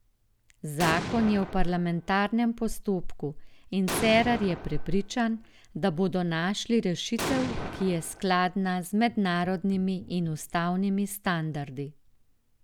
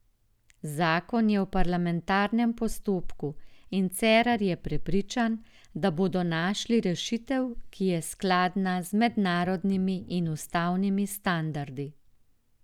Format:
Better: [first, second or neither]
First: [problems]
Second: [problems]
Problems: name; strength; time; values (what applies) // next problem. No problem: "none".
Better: second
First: background sound (Explosion); 10 dB below the speech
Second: none